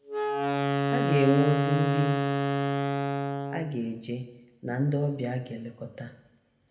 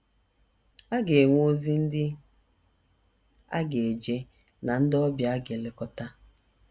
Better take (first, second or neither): second